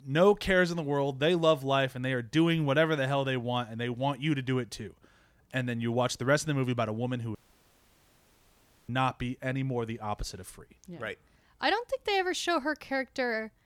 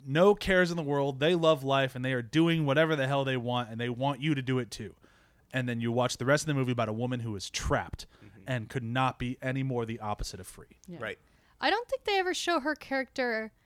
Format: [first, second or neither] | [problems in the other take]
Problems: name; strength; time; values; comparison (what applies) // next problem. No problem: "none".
second | audio cutting out; at 7.5 s for 1.5 s